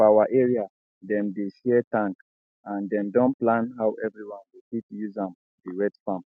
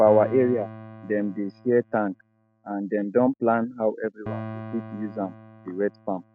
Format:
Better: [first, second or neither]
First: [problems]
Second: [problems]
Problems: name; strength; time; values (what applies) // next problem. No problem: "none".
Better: first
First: none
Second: noise reduction (neural mask model RNNoise)